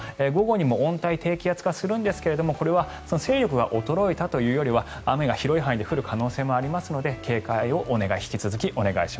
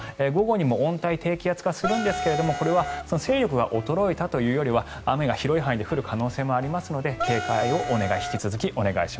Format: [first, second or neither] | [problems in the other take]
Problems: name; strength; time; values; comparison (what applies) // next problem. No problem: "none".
first | background sound (Wind instrument, woodwind instrument); 5 dB below the speech